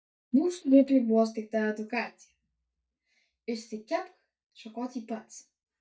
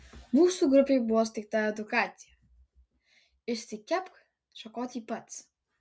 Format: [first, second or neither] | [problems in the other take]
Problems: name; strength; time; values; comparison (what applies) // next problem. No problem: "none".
second | noise reduction (neural mask model DeepFilterNet 3)